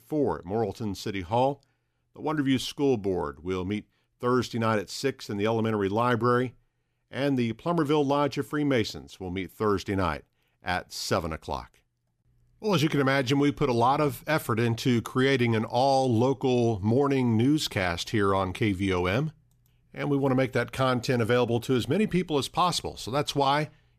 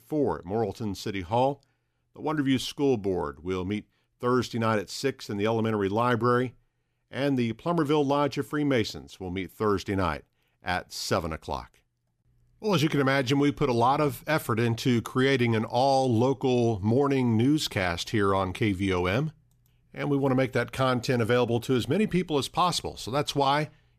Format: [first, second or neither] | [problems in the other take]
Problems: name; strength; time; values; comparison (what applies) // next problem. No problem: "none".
neither | none